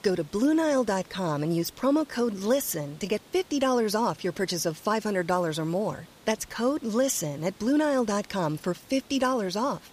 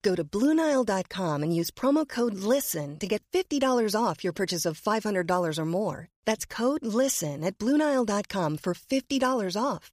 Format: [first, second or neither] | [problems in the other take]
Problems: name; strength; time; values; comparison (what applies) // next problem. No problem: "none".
second | hiss; faint; throughout; 25 dB below the speech